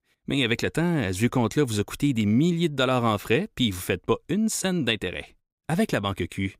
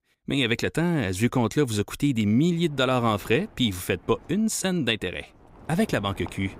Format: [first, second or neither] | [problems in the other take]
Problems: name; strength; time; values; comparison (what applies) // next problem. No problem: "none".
first | wind noise on the microphone; occasional gusts; from 2.5 s on; 25 dB below the speech